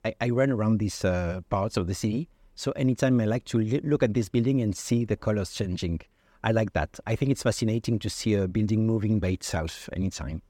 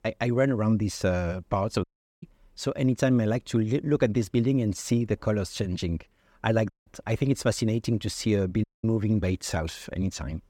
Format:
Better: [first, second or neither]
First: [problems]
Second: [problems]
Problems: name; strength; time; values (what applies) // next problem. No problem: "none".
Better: first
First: none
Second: audio cutting out; at 2 s, at 6.5 s and at 8.5 s